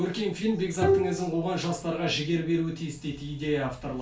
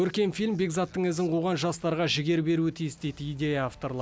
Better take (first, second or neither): second